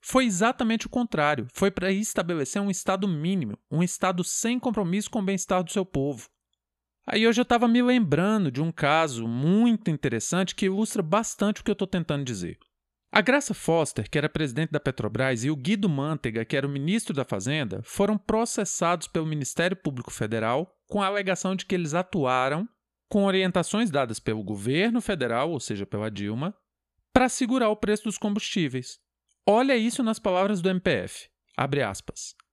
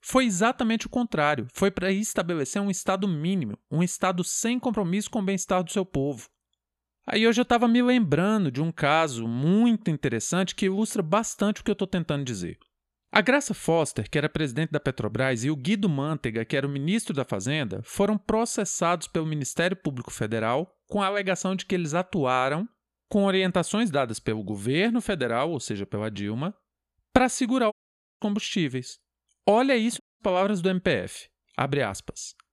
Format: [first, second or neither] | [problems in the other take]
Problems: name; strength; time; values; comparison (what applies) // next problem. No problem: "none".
first | audio cutting out; at 28 s and at 30 s